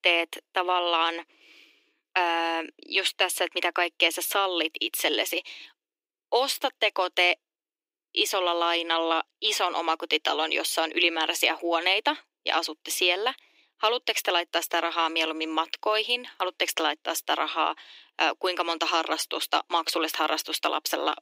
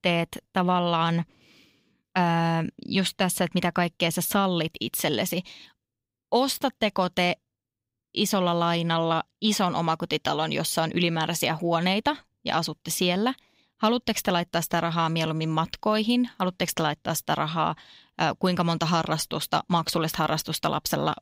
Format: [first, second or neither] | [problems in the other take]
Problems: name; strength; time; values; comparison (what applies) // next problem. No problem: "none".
second | thin; very; fading below 300 Hz